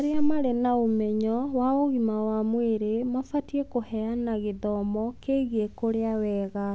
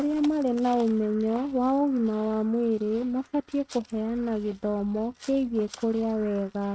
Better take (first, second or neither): first